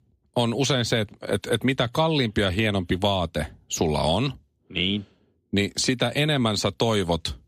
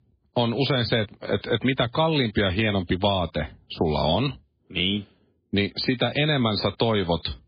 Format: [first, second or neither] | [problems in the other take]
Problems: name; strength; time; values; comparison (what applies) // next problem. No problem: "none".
first | garbled, watery; badly; nothing above 4.5 kHz